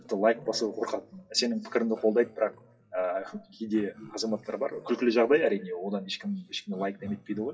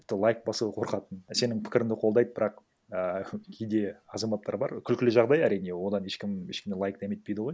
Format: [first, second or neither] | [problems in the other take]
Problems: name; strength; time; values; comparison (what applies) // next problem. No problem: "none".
second | noise reduction (classical method WPE with log-MMSE)